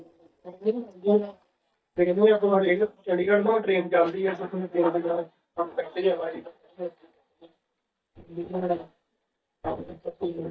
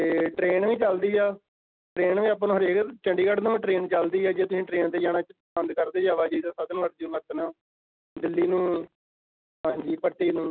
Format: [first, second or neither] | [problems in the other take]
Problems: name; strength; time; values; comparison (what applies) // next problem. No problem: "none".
second | noise reduction (neural mask model DeepFilterNet 3)